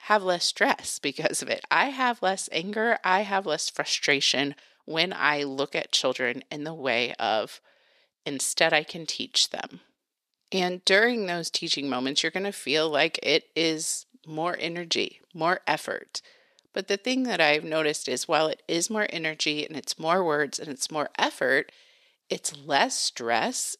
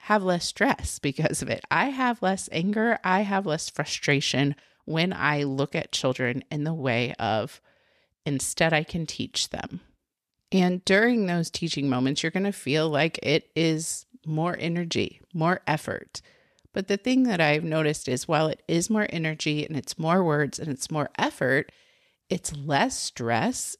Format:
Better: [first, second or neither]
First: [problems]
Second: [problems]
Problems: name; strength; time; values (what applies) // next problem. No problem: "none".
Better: second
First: thin; somewhat; fading below 350 Hz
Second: none